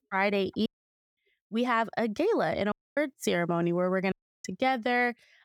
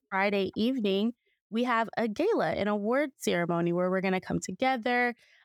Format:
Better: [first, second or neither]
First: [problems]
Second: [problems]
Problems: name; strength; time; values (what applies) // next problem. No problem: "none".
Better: second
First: audio cutting out; at 0.5 s for 0.5 s, at 2.5 s and at 4 s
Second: none